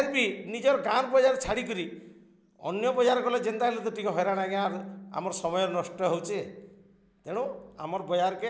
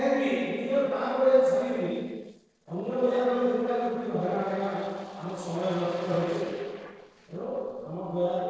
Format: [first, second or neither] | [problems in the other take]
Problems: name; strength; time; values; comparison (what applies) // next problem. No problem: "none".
first | noise reduction (neural separator model SepFormer DNS4)